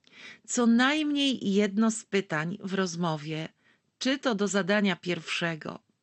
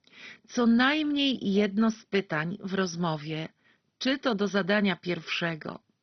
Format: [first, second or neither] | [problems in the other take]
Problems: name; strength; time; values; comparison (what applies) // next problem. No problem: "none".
first | garbled, watery; badly; nothing above 6 kHz; slightly in the first